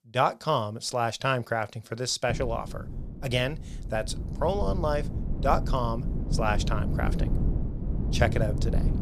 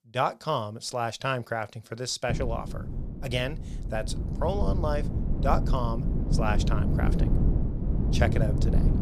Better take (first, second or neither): first